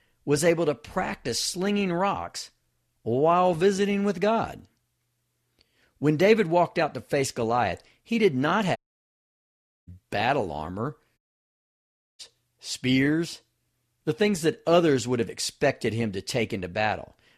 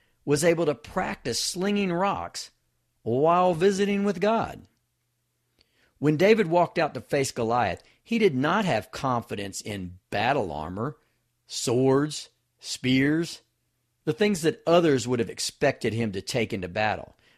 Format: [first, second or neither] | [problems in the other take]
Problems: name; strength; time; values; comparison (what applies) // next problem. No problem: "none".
second | audio cutting out; at 9 s for 1 s and at 11 s for 1 s